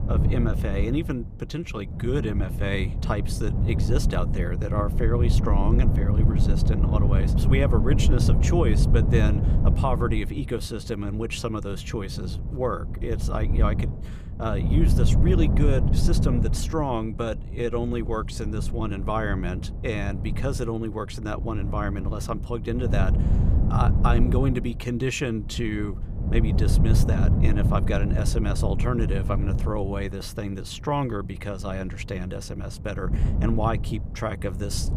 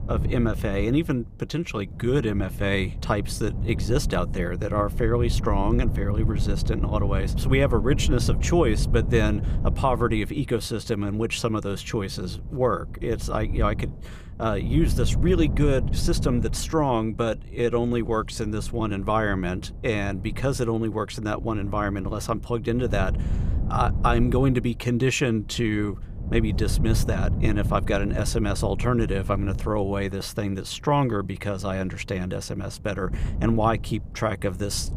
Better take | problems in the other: second | wind noise on the microphone; heavy; 6 dB below the speech; occasional gusts in the second

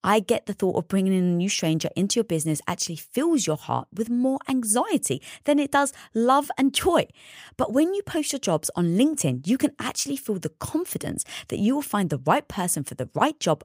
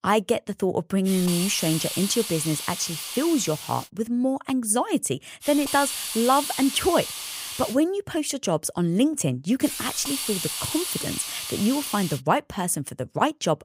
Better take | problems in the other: first | hiss; loud; from 1 to 4 s, from 5.5 to 7.5 s and from 9.5 to 12 s; 5 dB below the speech

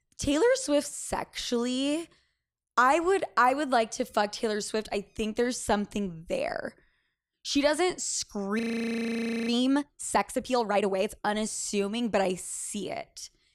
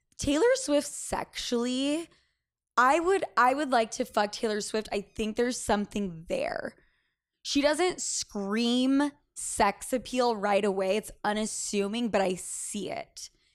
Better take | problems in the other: second | audio freezing; at 8.5 s for 1 s

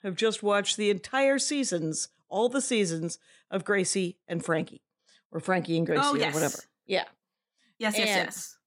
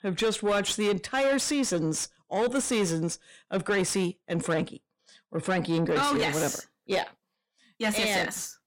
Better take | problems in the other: first | distortion; slight; 10 dB below the speech

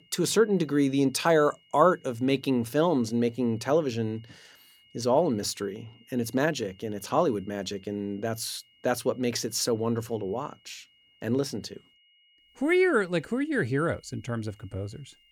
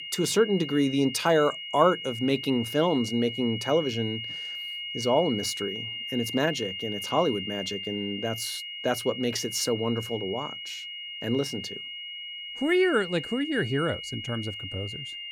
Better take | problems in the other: first | high-pitched whine; loud; throughout; 3 kHz, 7 dB below the speech; faint in the first

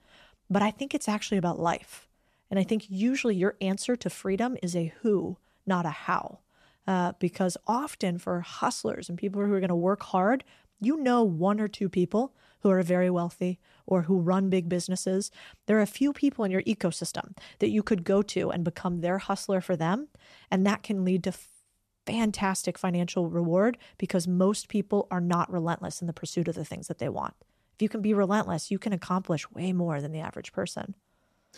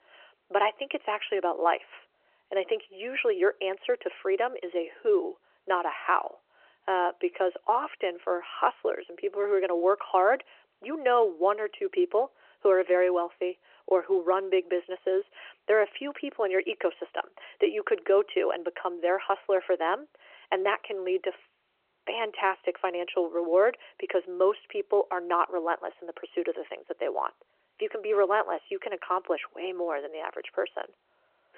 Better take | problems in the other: first | phone-call audio

